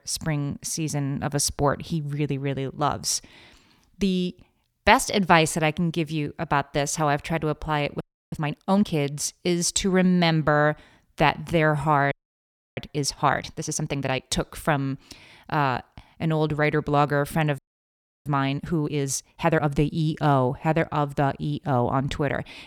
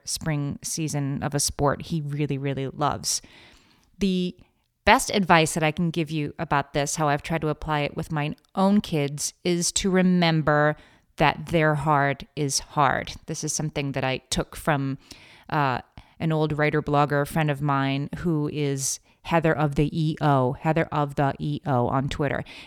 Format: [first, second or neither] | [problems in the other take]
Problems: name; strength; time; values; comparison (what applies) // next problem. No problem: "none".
second | audio freezing; at 8 s, at 12 s for 0.5 s and at 18 s for 0.5 s